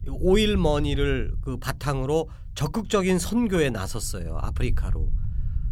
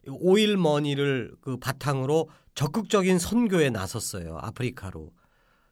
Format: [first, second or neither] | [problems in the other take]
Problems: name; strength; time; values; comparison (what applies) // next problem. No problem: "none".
second | low rumble; faint; throughout; 25 dB below the speech